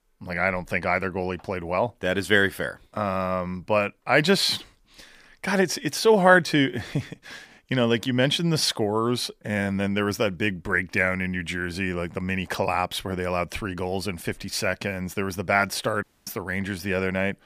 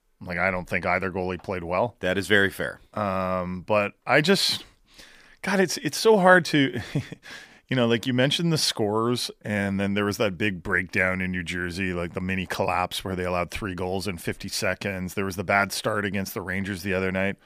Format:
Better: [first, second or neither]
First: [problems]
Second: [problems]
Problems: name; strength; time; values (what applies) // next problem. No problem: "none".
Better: second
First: audio cutting out; at 16 s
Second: none